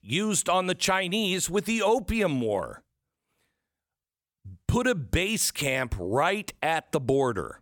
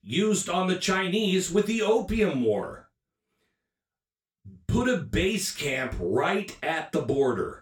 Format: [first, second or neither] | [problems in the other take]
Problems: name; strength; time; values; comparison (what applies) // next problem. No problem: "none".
first | room echo; slight; dies away in 0.3 s // off-mic speech; far